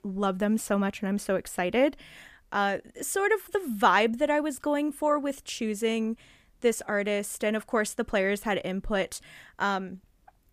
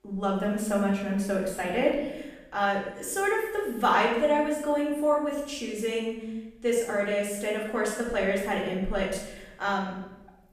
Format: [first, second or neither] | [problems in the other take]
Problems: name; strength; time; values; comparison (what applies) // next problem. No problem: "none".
first | off-mic speech; far // room echo; noticeable; dies away in 0.9 s